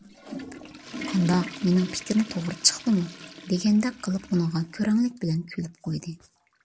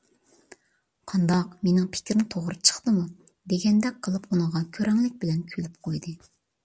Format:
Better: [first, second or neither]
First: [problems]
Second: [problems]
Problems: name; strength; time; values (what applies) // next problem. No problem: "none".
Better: second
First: background sound (Toilet flush / Water); 15 dB below the speech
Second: none